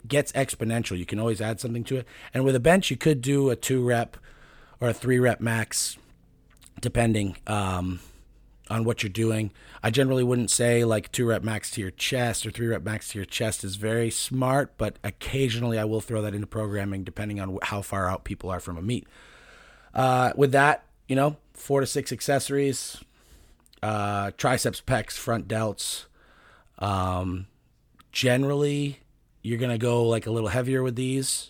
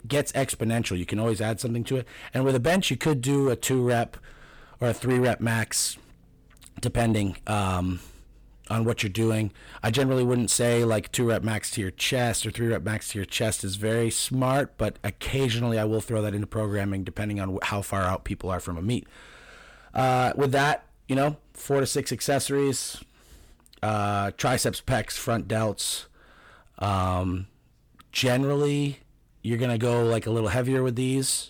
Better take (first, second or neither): first